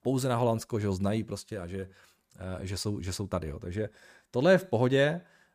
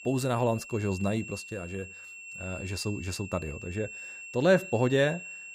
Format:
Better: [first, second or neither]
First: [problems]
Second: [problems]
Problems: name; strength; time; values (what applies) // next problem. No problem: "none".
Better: first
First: none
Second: high-pitched whine; noticeable; throughout; 2.5 kHz, 10 dB below the speech